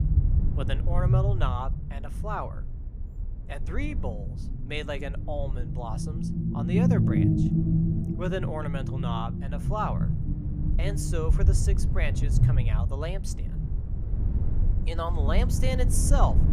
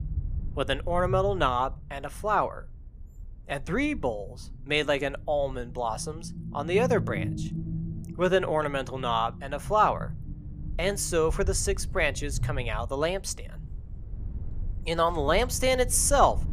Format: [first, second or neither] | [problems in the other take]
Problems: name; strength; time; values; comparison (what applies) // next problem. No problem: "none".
second | low rumble; loud; throughout; 4 dB below the speech; faint in the second